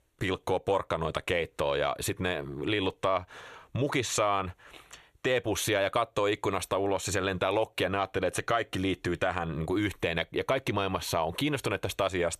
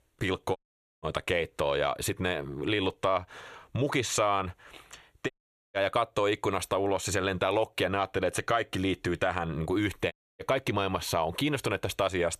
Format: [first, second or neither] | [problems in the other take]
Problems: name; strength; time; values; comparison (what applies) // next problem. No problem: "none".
first | audio cutting out; at 0.5 s, at 5.5 s and at 10 s